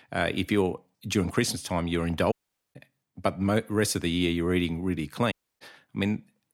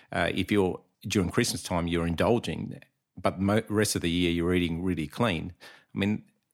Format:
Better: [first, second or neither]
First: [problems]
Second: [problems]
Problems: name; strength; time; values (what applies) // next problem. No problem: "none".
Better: second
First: audio cutting out; at 2.5 s and at 5.5 s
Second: none